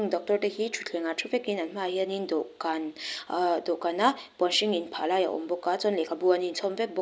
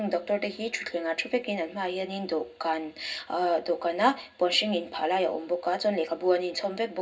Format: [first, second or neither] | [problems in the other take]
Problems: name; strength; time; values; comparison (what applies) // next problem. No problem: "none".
first | room echo; dies away in 0.4 s